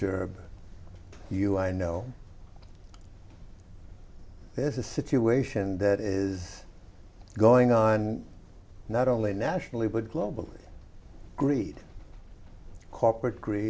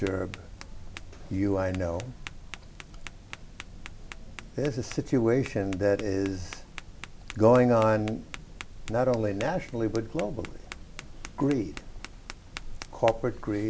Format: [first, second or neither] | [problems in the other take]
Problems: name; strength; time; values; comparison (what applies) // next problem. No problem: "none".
first | background sound (Tap); 14 dB below the speech